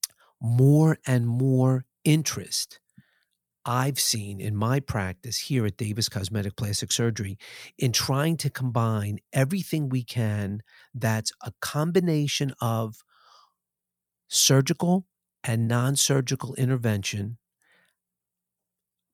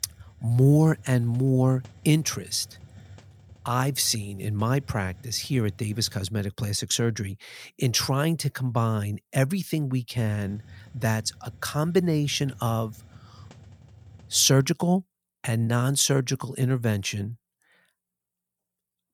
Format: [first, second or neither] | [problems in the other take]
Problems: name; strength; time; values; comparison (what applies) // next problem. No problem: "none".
first | hiss; faint; until 6 s and from 10 to 15 s; 25 dB below the speech